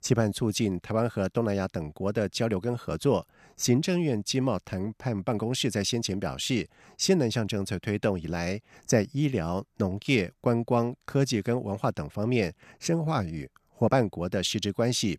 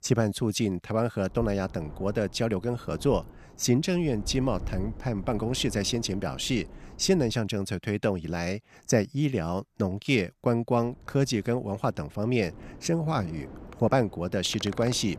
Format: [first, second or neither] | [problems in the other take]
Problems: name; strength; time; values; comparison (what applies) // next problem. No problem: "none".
first | wind noise on the microphone; occasional gusts; from 1.5 to 7.5 s and from 11 s on; 20 dB below the speech